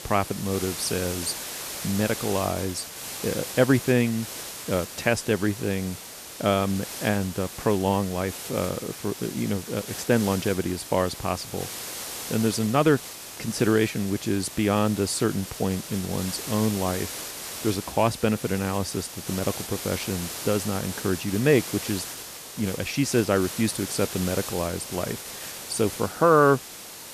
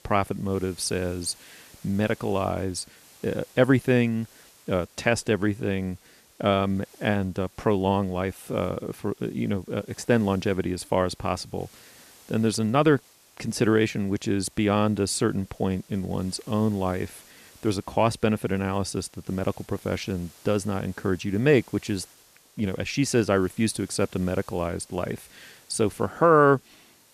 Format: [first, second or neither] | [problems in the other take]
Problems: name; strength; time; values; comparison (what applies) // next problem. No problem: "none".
second | hiss; loud; throughout; 9 dB below the speech; faint in the second